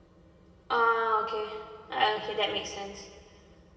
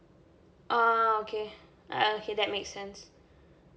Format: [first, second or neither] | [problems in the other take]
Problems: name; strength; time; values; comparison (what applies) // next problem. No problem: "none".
second | room echo; dies away in 2 s